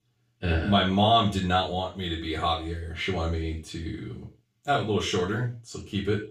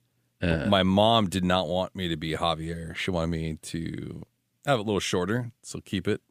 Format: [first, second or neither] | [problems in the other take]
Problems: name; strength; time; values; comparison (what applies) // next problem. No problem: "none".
second | room echo; noticeable; dies away in 0.3 s // off-mic speech; far